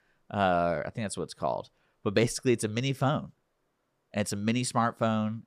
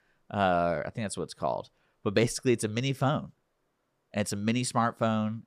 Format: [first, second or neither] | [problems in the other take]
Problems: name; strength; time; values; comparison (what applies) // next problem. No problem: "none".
neither | none